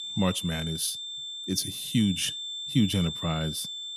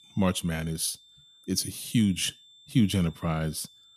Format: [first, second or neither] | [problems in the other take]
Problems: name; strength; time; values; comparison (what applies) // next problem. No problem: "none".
second | high-pitched whine; loud; throughout; 3.5 kHz, 5 dB below the speech; faint in the second